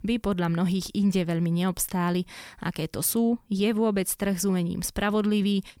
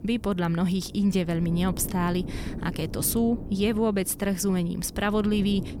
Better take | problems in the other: first | wind noise on the microphone; occasional gusts; 15 dB below the speech

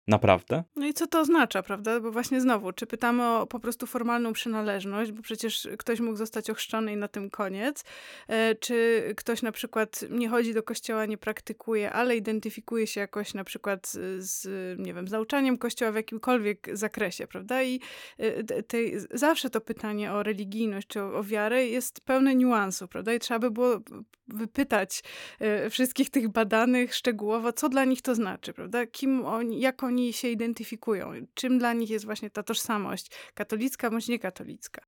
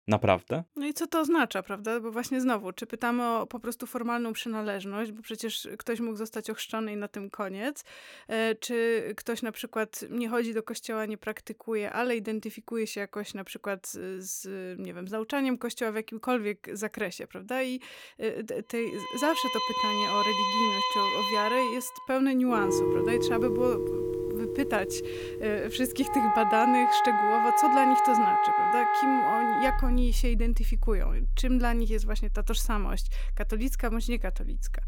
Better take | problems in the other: first | background music; very loud; from 19 s on; 4 dB above the speech

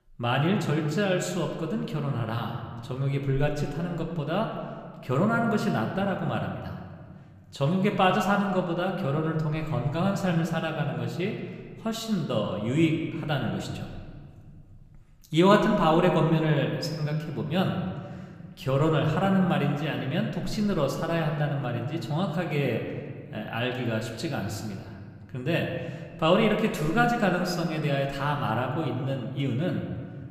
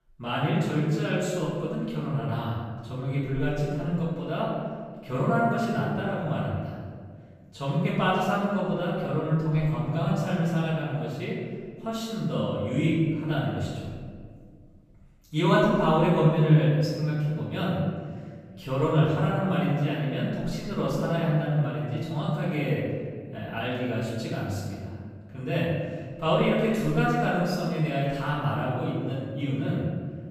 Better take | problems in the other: first | room echo; strong; dies away in 1.7 s; slight in the first // off-mic speech; far; somewhat distant in the first

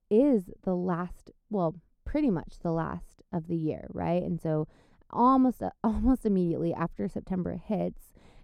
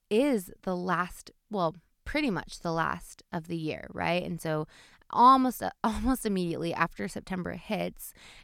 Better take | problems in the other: second | muffled; slightly; fading above 1 kHz

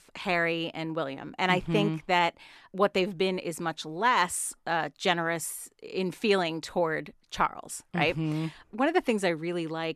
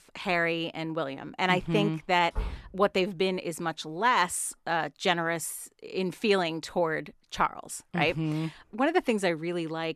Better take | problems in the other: first | door banging; noticeable; at 2.5 s; peak 9 dB below the speech

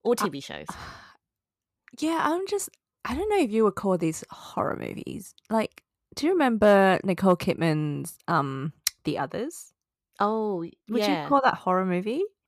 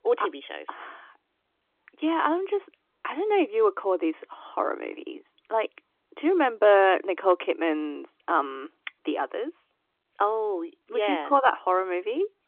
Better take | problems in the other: first | phone-call audio; nothing above 3.5 kHz

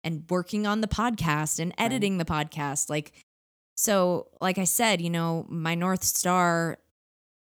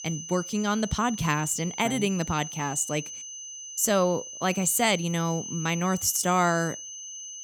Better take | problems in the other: first | high-pitched whine; noticeable; throughout; 6 kHz, 10 dB below the speech

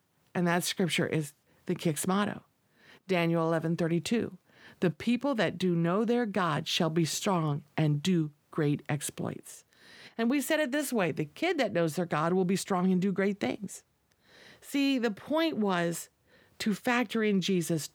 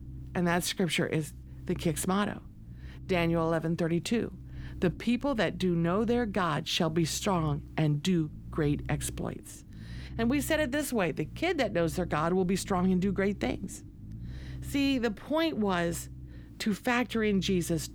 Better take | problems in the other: first | low rumble; faint; throughout; 25 dB below the speech

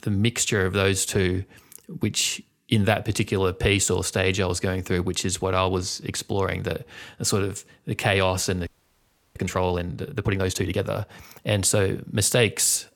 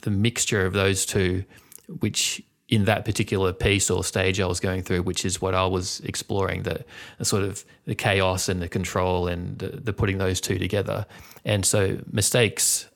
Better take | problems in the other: second | audio freezing; at 8.5 s for 0.5 s

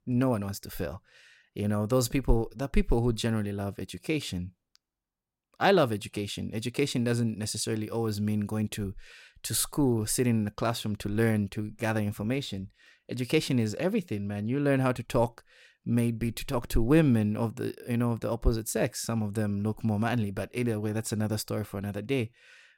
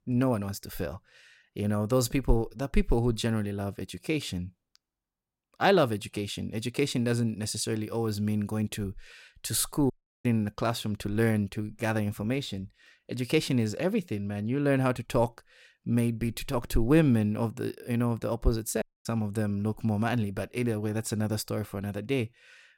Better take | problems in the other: first | audio cutting out; at 10 s and at 19 s

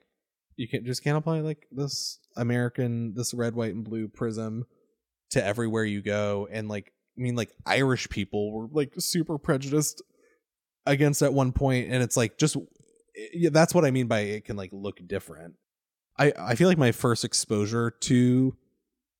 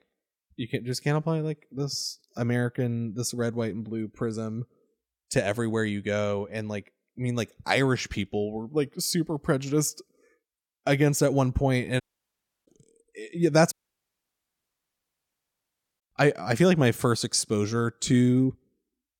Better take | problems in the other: first | audio cutting out; at 12 s for 0.5 s and at 14 s for 2.5 s

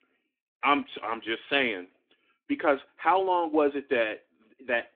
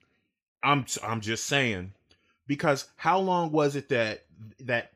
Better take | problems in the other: second | phone-call audio; nothing above 3.5 kHz

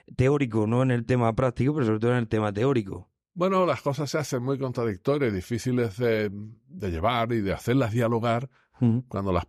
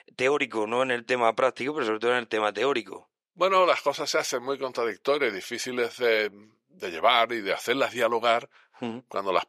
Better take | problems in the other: first | thin; very; fading below 550 Hz

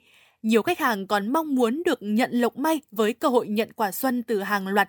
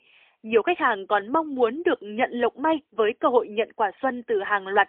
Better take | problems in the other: first | phone-call audio; poor line; nothing above 3.5 kHz

